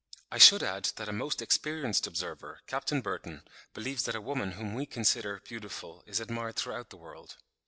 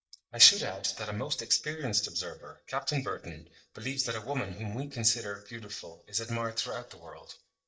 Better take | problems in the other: first | noise reduction (neural mask model DeepFilterNet 3)

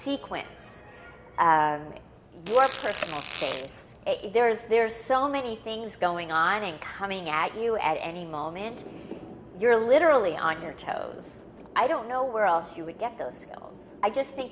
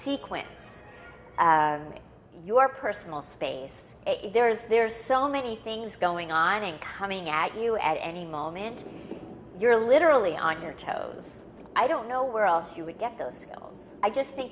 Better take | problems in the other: second | background sound (Fart); 12 dB below the speech

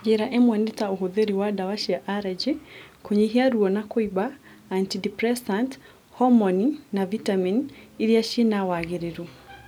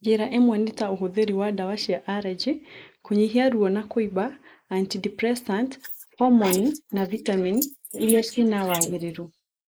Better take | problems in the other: first | noise reduction (neural mask model Resemble Enhance denoiser)

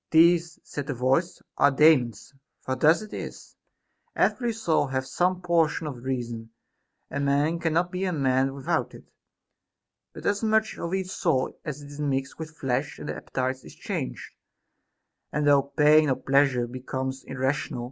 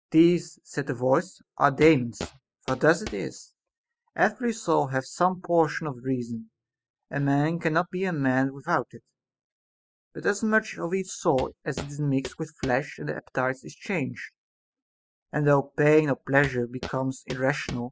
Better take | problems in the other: first | noise reduction (classical method spectral subtraction)

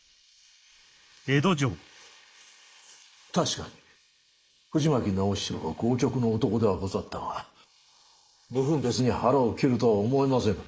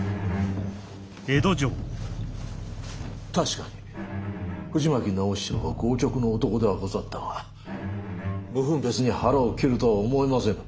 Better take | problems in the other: second | noise reduction (neural mask model Resemble Enhance denoiser)

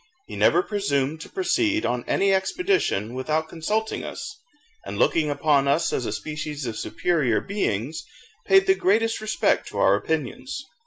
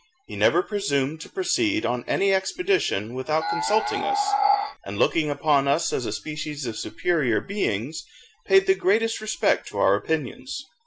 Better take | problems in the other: first | background sound (Animal); 1 dB above the speech

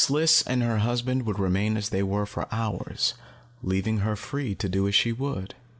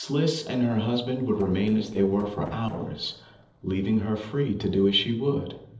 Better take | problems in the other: first | noise reduction (neural separator model SepFormer DNS4)

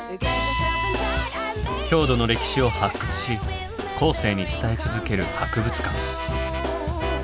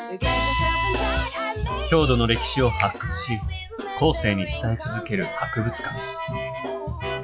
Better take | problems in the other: first | noise reduction (classical method log-MMSE)

